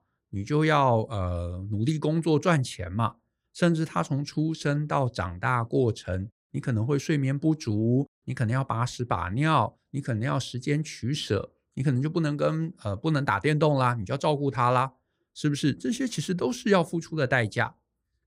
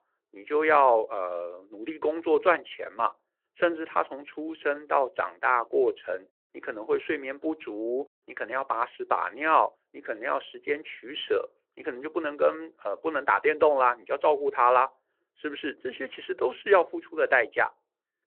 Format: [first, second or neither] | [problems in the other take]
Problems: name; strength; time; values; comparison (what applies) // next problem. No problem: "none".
first | phone-call audio